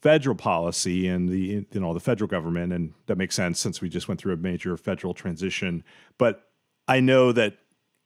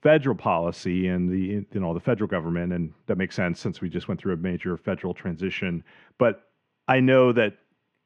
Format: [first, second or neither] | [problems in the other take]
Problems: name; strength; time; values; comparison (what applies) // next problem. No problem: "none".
first | muffled; very; fading above 2 kHz